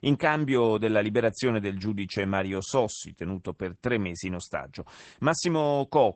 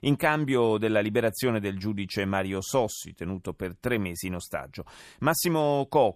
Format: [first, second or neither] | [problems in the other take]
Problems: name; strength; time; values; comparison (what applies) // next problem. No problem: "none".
second | garbled, watery; badly; nothing above 8 kHz